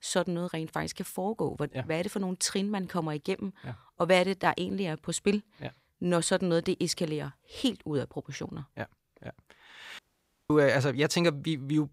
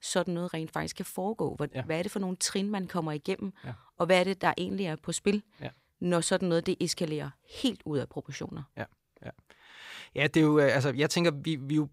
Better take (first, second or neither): second